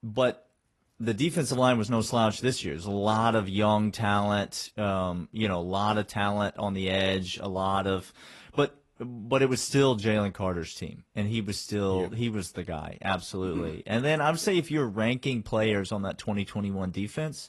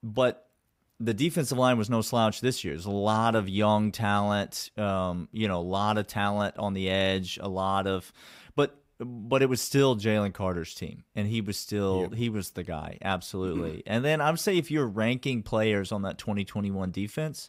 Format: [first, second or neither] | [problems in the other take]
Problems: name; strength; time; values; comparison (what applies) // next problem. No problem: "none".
second | garbled, watery; slightly; nothing above 11.5 kHz